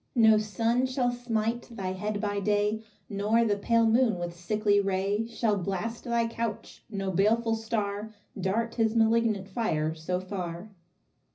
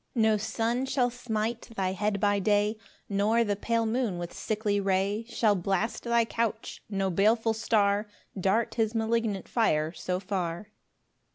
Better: second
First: room echo; dies away in 0.4 s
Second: none

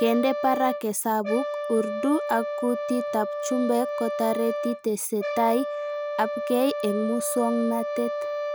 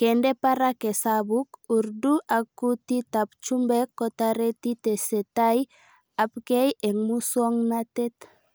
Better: second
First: background sound (Brass instrument); 4 dB below the speech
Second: none

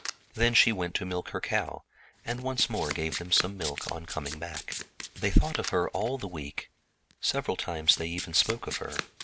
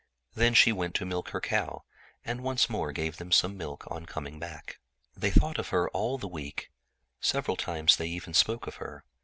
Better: second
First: background sound (Domestic sounds, home sounds); 11 dB below the speech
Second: none

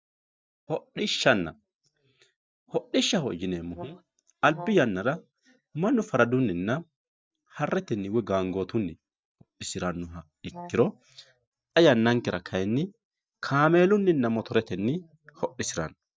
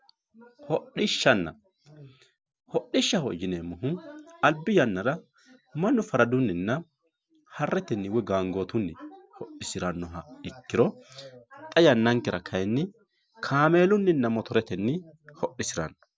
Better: second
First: noise reduction (neural mask model DeepFilterNet 3)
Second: none

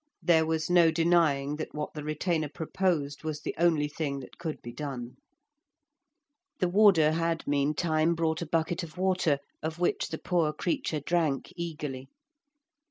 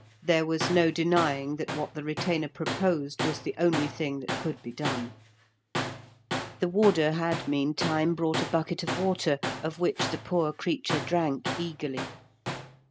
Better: first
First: none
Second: background sound (Tools); 7 dB below the speech

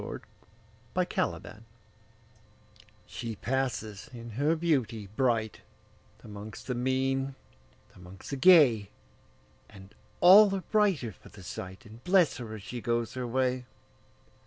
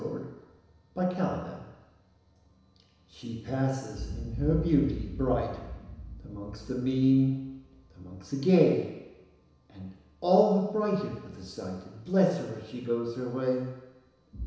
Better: first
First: none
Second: background sound (Boom); 14 dB below the speech // room echo; dies away in 1 s

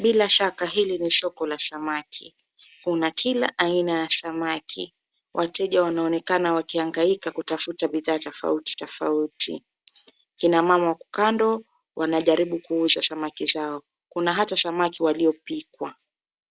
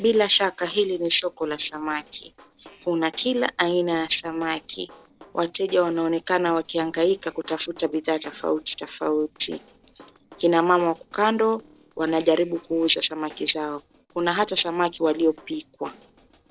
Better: first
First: none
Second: noise reduction (neural separator model SepFormer DNS4)

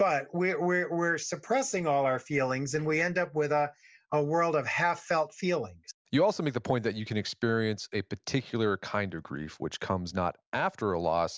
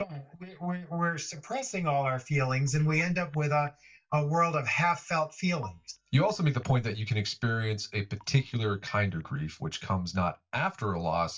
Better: first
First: none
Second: noise reduction (neural mask model DeepFilterNet 3)

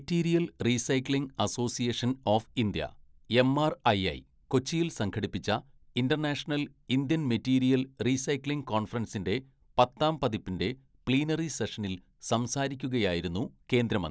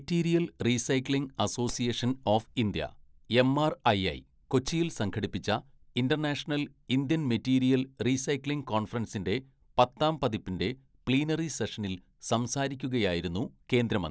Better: first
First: none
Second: background sound (Clapping); 16 dB below the speech

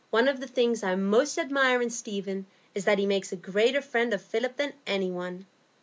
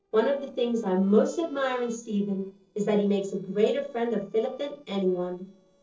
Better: first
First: none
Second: noise reduction (neural separator model SepFormer DNS4)

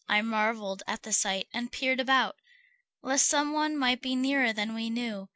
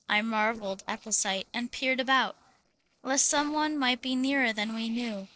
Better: first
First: none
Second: noise reduction (neural separator model SepFormer DNS4)

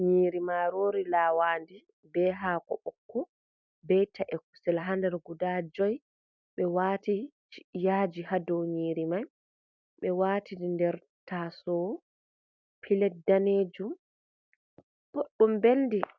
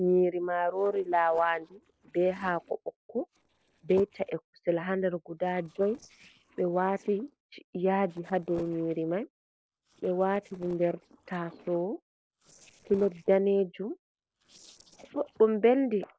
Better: first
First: none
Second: noise reduction (neural separator model SepFormer DNS4)

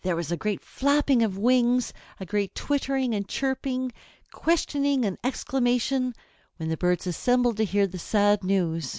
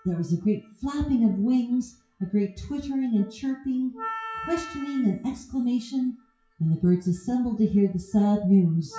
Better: first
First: none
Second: noise reduction (classical method WPE with log-MMSE)

